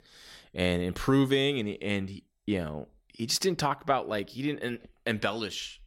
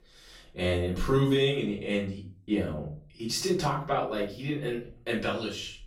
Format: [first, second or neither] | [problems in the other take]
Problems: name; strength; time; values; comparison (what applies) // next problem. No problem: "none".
first | off-mic speech; far // room echo; slight; dies away in 0.4 s